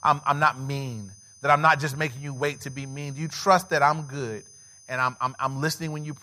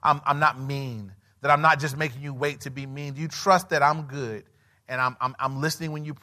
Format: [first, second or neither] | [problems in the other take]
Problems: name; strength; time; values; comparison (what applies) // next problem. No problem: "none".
second | high-pitched whine; faint; throughout; 6 kHz, 25 dB below the speech